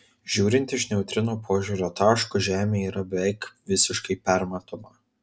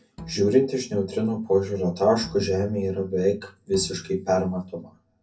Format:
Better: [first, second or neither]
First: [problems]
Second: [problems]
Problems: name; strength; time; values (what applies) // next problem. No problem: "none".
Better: first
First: none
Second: background sound (Bowed string instrument); 20 dB below the speech // room echo; dies away in 0.3 s